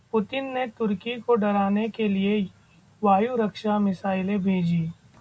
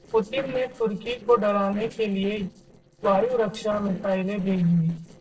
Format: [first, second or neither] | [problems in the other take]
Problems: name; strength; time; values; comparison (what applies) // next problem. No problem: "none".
first | noise reduction (neural separator model SepFormer DNS4)